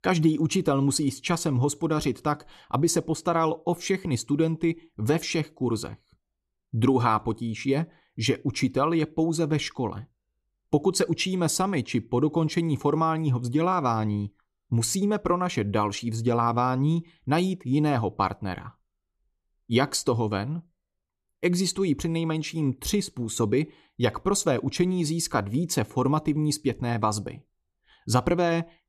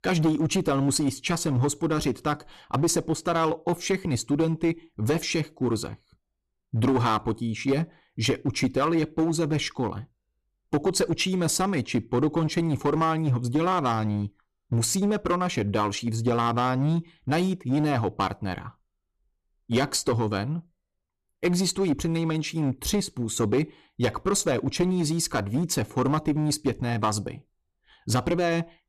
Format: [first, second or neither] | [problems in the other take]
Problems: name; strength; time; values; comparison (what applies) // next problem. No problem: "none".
first | distortion; slight; 7% of the sound clipped